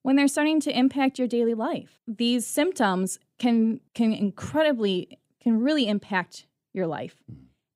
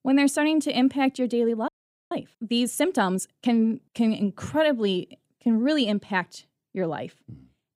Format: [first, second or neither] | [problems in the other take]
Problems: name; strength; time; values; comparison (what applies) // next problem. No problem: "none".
first | audio freezing; at 1.5 s